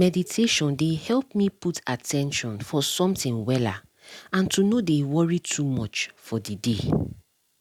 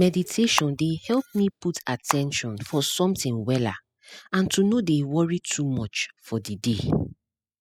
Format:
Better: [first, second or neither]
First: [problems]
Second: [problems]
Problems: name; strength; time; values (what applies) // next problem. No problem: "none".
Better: first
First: none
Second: noise reduction (classical method spectral subtraction)